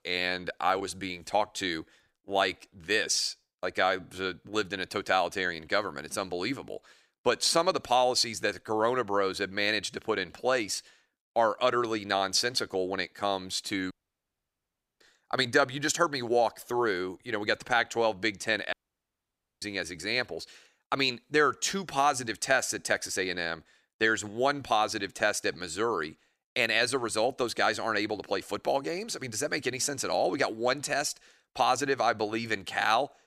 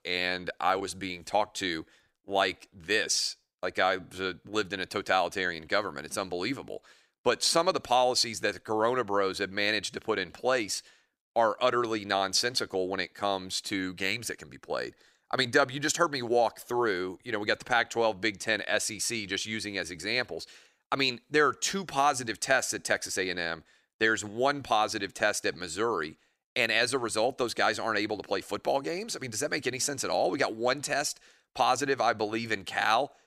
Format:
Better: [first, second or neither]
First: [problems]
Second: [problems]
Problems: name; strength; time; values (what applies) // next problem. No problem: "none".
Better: second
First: audio cutting out; at 14 s for 1 s and at 19 s for 1 s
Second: none